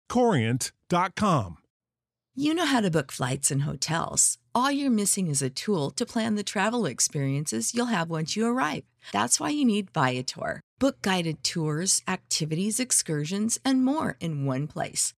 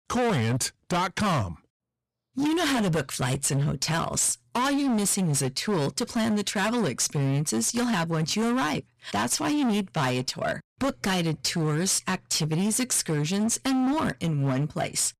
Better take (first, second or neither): first